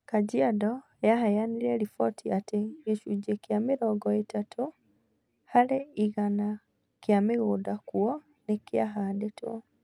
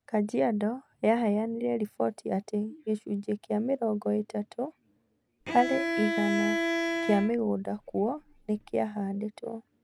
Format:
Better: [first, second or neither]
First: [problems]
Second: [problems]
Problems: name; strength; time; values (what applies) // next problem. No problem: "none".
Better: first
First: none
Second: background sound (Bowed string instrument); 2 dB below the speech